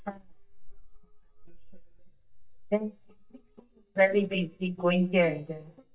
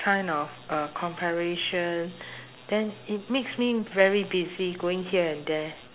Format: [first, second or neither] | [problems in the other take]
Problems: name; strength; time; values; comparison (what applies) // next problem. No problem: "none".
second | noise reduction (neural mask model DeepFilterNet 3)